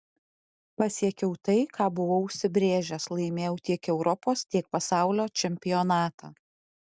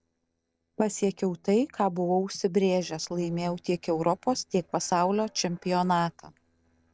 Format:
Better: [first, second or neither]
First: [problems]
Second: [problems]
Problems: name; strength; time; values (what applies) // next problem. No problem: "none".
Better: first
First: none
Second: noise reduction (neural separator model SepFormer DNS4)